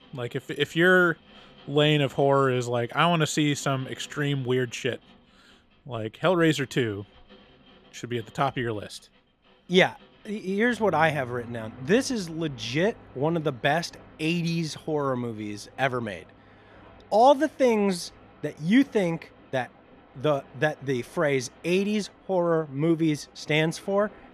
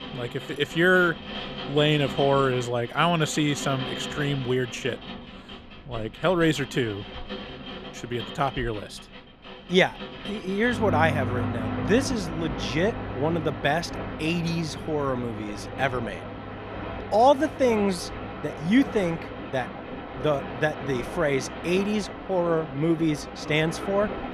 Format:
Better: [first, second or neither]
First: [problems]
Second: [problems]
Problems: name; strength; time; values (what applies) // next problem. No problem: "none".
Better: first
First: rain or running water; faint; throughout; 25 dB below the speech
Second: rain or running water; loud; throughout; 9 dB below the speech